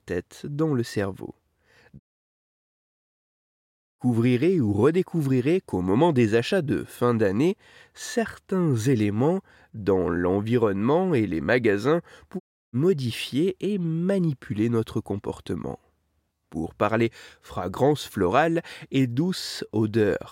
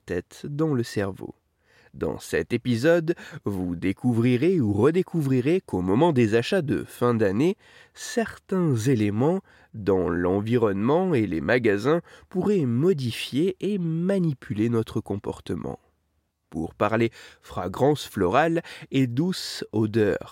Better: second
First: audio cutting out; at 2 s for 2 s and at 12 s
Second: none

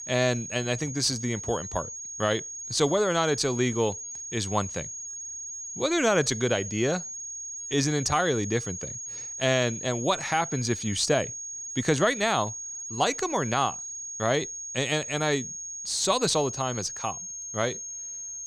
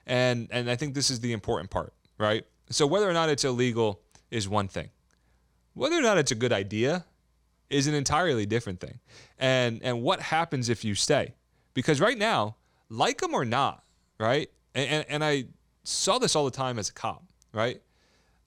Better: second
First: high-pitched whine; loud; throughout; 6.5 kHz, 7 dB below the speech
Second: none

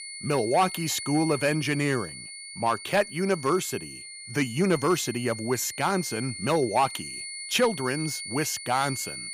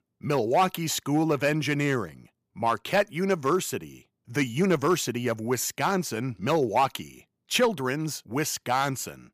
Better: second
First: high-pitched whine; loud; throughout; 2 kHz, 10 dB below the speech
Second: none

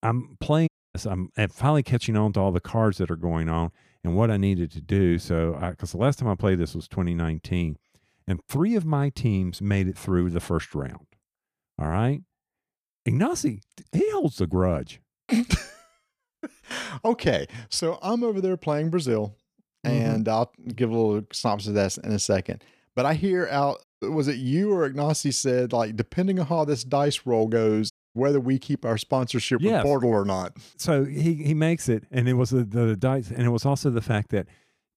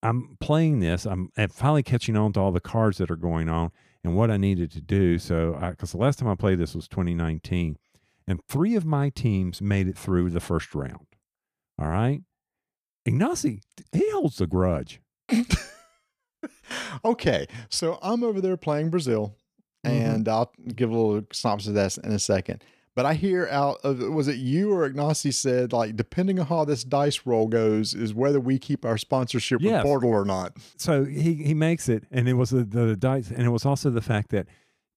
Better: second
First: audio cutting out; at 0.5 s, at 24 s and at 28 s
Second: none

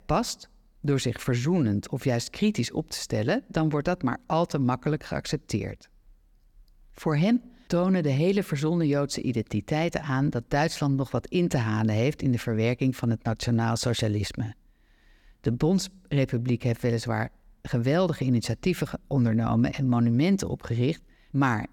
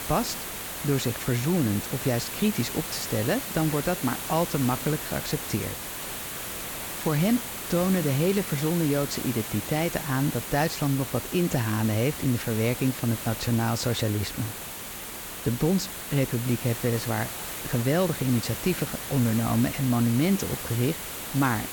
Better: first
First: none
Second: hiss; loud; throughout; 6 dB below the speech

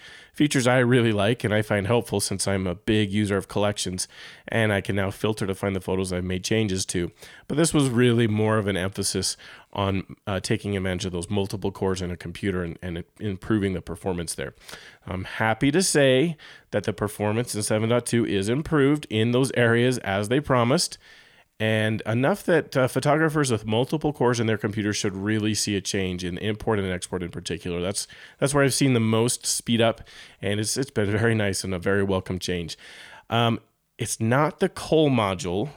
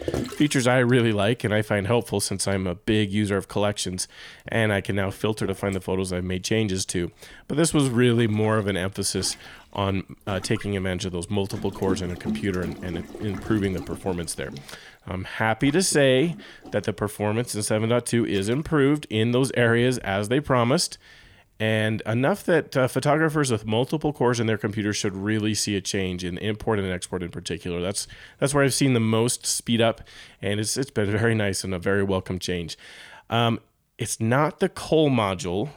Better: first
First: none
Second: rain or running water; noticeable; throughout; 15 dB below the speech

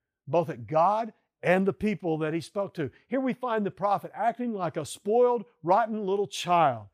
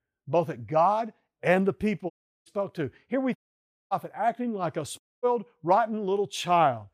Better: first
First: none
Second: audio cutting out; at 2 s, at 3.5 s for 0.5 s and at 5 s

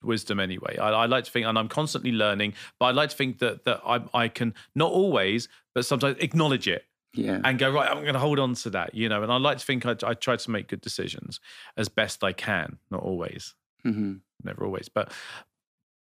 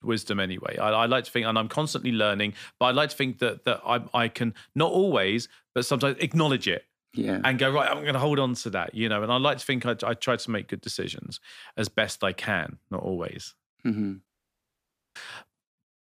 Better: first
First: none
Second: audio cutting out; at 14 s for 1 s

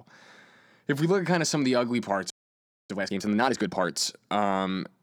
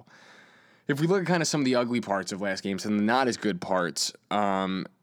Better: second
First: audio freezing; at 2.5 s for 0.5 s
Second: none

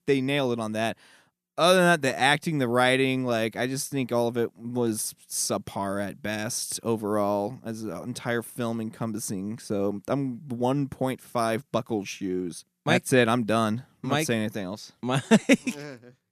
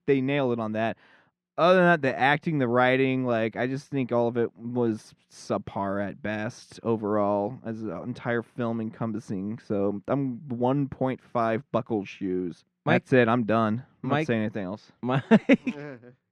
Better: first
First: none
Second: muffled; very; fading above 2.5 kHz

